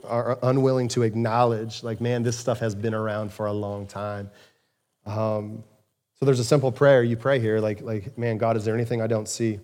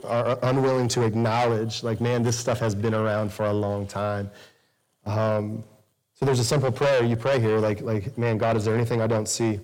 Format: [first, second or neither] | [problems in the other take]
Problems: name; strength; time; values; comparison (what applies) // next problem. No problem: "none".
first | distortion; heavy; 6 dB below the speech